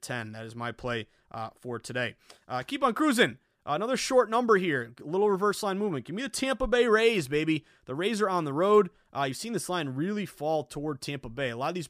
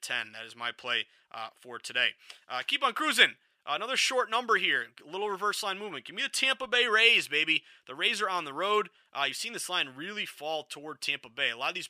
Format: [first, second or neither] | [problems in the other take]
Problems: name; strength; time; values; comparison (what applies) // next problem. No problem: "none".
first | thin; somewhat; fading below 1 kHz